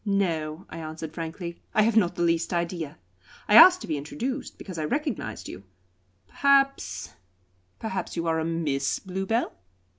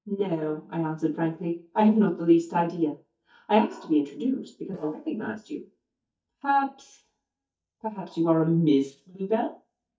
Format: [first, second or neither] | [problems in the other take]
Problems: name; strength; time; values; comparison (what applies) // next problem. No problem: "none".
first | noise reduction (neural mask model DeepFilterNet 3)